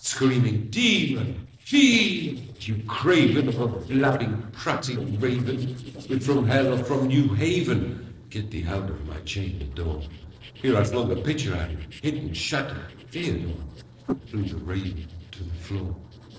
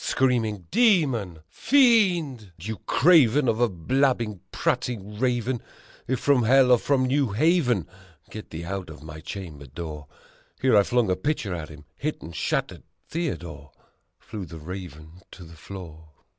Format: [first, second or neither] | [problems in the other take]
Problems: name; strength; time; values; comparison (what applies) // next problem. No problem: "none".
second | noise reduction (neural separator model SepFormer DNS4)